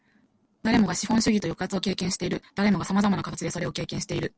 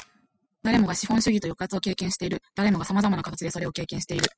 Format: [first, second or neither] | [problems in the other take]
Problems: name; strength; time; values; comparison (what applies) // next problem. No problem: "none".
first | noise reduction (classical method spectral subtraction)